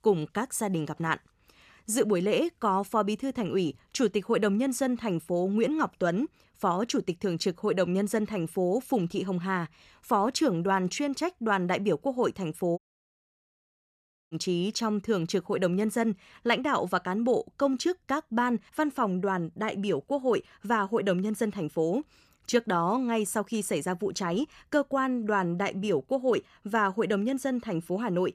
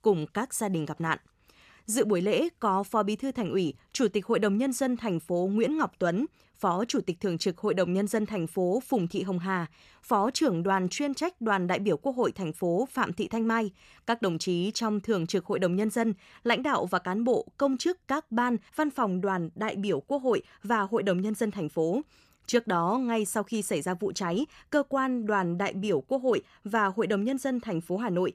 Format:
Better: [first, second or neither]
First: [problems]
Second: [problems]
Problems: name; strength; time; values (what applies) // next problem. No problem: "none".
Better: second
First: audio cutting out; at 13 s for 1.5 s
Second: none